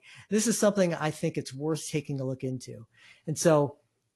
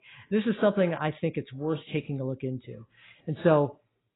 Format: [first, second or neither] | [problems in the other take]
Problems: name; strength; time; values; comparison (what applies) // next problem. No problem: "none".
first | garbled, watery; badly; nothing above 4 kHz; slightly in the first